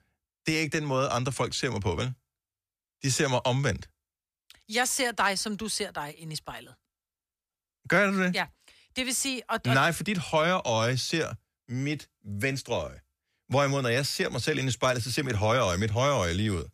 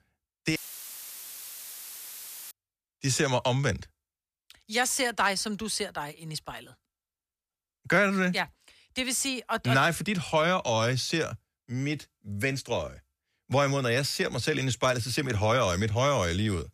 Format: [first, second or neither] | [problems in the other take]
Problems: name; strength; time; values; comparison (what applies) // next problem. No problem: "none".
first | audio cutting out; filled with static; at 0.5 s for 2 s